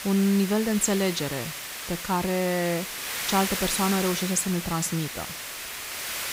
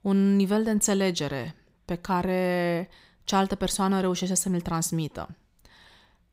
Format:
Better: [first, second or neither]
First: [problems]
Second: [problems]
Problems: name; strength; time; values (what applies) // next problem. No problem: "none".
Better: second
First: hiss; loud; throughout; 5 dB below the speech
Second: none